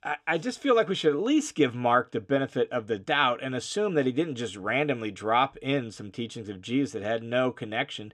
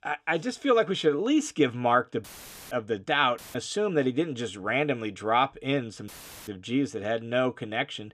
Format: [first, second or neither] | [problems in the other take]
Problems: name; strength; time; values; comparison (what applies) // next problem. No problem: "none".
first | audio cutting out; filled with static; at 2 s, at 3.5 s and at 6 s